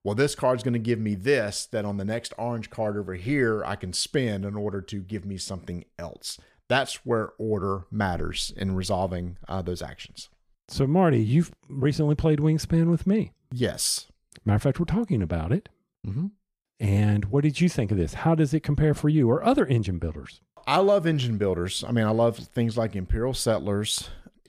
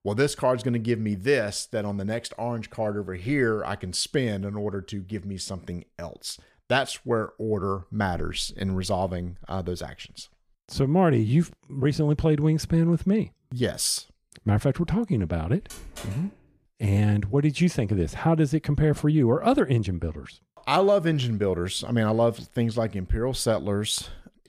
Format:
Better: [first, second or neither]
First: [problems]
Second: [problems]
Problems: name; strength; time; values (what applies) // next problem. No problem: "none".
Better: first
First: none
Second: door banging; faint; at 16 s; peak 15 dB below the speech